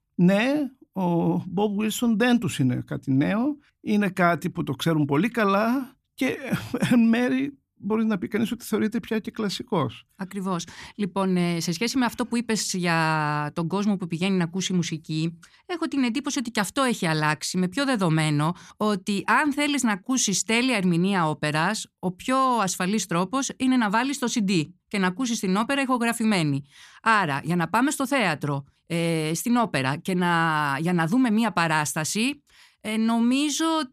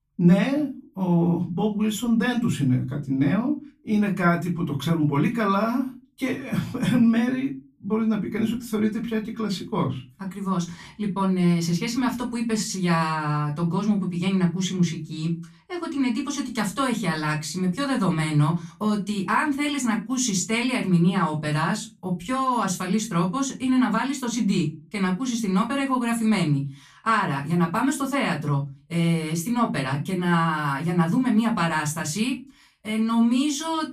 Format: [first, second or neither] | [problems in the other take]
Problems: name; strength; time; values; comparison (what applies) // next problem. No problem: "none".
first | off-mic speech; far // room echo; very slight; dies away in 0.3 s